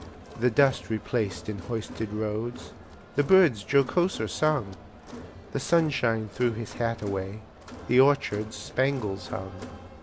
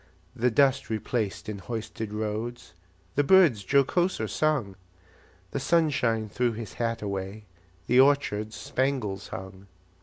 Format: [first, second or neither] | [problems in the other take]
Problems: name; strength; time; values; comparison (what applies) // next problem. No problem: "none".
second | background sound (Crowd); 16 dB below the speech